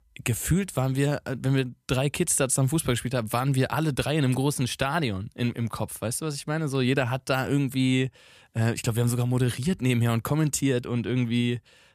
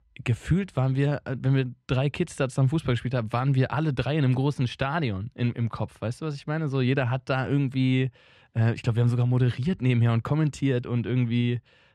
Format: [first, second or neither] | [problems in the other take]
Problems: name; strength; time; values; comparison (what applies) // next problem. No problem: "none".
first | muffled; slightly; fading above 3.5 kHz